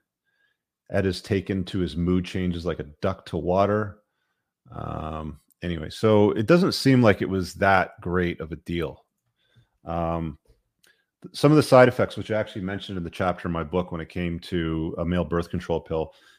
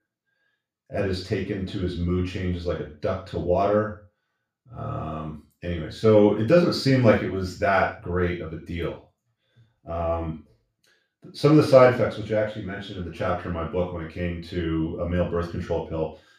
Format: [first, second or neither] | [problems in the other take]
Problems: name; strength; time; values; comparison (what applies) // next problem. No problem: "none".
first | room echo; noticeable; dies away in 0.3 s // off-mic speech; far